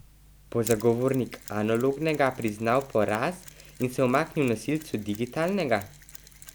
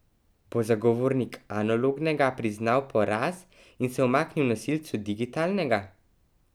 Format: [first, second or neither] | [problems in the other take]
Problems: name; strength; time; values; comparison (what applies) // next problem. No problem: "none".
second | background sound (Mechanisms); 19 dB below the speech